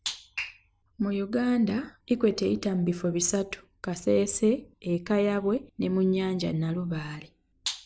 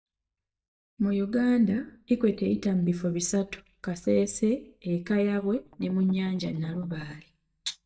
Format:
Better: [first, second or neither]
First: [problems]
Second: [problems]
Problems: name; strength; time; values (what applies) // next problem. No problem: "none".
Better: first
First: none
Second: noise reduction (neural mask model DeepFilterNet 3)